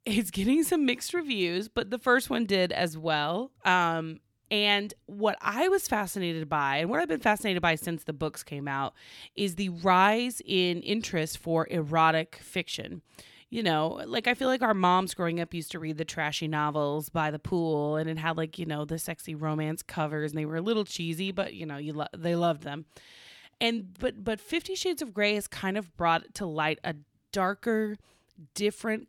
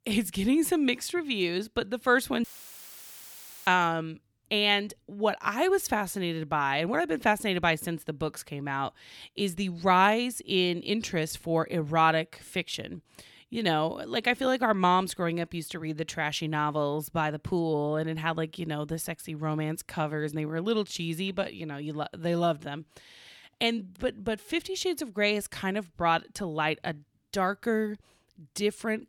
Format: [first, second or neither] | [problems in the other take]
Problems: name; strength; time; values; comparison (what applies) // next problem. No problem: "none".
first | audio cutting out; filled with static; at 2.5 s for 1 s